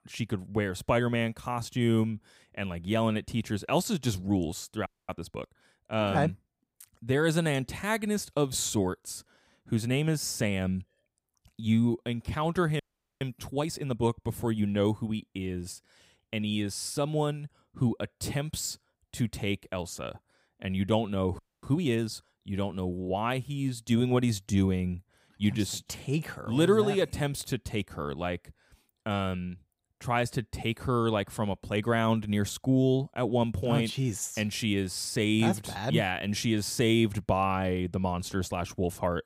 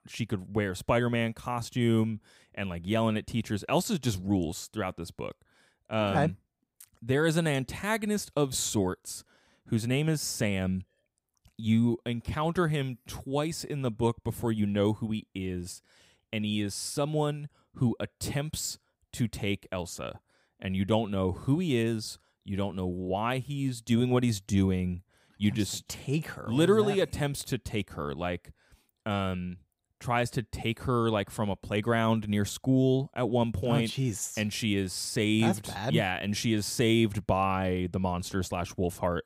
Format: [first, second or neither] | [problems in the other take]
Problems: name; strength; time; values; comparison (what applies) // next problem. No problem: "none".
second | audio freezing; at 5 s, at 13 s and at 21 s